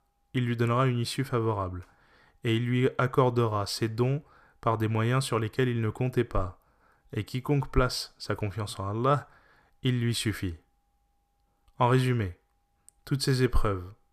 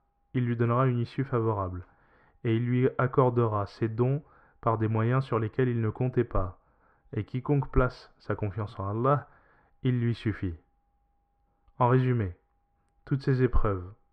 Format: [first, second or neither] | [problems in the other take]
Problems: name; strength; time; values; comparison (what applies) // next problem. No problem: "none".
first | muffled; very; fading above 1.5 kHz